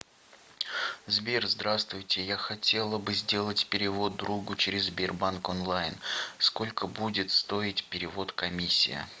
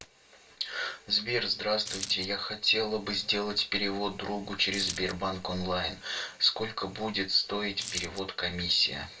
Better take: first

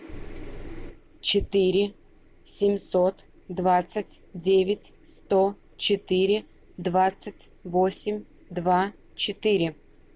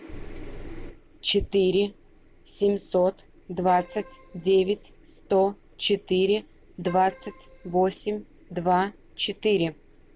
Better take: first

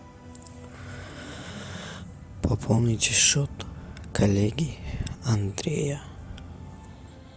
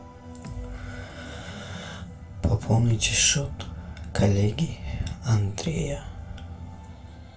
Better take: first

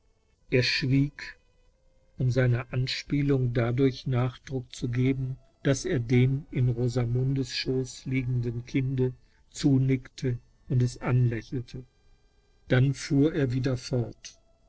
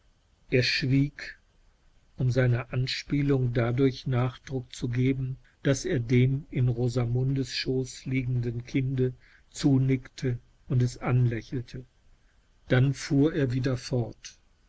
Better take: second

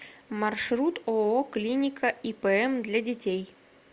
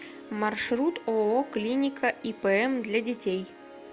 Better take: first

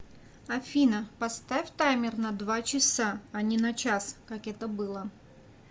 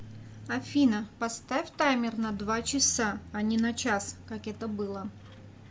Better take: first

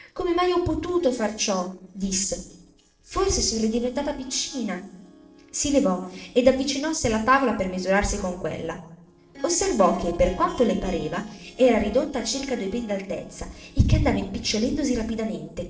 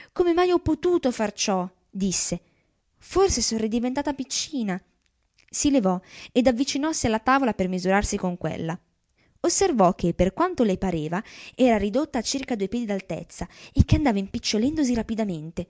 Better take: second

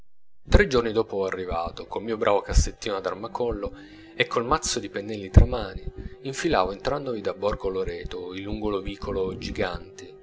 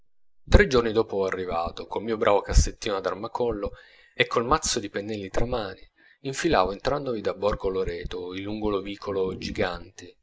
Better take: first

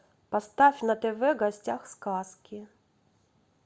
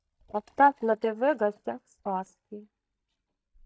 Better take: first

